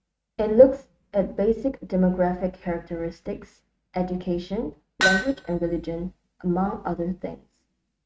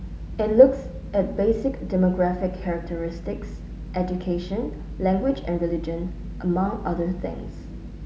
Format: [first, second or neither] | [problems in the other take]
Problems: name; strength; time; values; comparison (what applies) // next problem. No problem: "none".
second | noise reduction (neural mask model RNNoise)